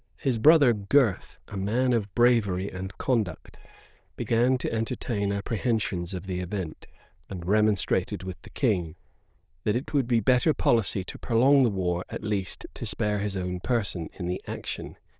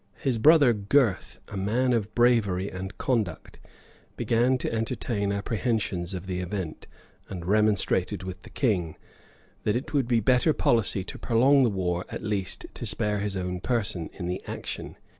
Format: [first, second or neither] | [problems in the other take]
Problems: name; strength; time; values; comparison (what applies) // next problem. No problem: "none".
second | noise reduction (neural diffusion model UNIVERSE++)